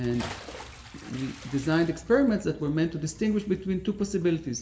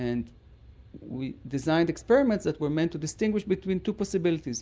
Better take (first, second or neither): second